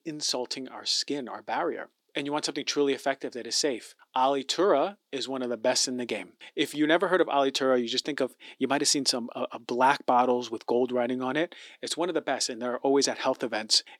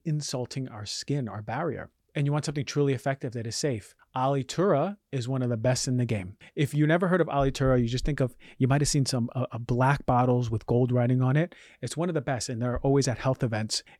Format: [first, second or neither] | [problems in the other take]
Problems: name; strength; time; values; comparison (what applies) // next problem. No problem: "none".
second | thin; somewhat; fading below 300 Hz